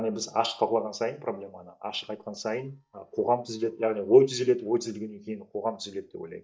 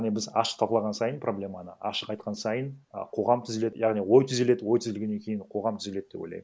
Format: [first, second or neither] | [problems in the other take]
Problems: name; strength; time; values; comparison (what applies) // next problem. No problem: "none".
second | noise reduction (neural mask model DeepFilterNet 3)